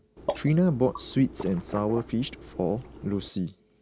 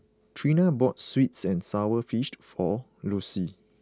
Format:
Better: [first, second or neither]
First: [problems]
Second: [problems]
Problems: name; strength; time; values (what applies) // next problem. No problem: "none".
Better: second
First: background sound (Water / Liquid); 11 dB below the speech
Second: none